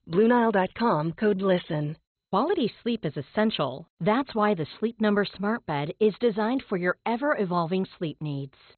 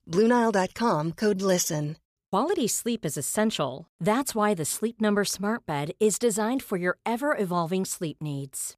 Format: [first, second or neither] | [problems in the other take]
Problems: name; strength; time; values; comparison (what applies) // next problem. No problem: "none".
second | garbled, watery; badly; nothing above 4 kHz